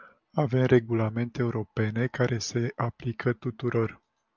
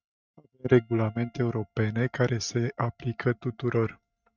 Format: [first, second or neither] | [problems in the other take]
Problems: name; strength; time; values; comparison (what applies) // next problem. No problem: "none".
first | noise reduction (neural mask model RNNoise)